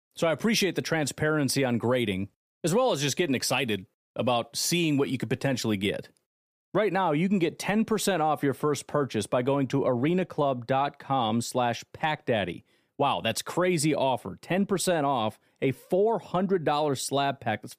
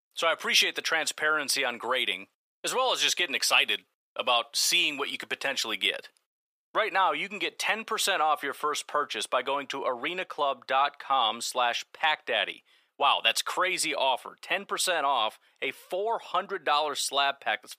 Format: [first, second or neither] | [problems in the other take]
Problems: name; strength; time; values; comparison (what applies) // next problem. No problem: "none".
first | thin; very; fading below 700 Hz